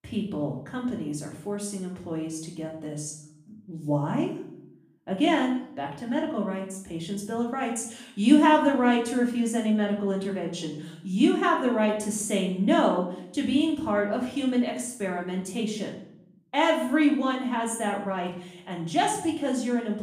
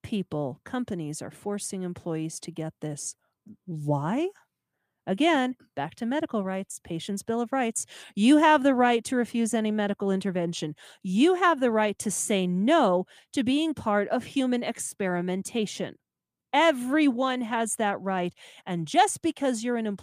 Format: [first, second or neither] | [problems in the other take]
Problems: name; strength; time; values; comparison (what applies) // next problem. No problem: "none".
second | room echo; noticeable; dies away in 0.6 s // off-mic speech; far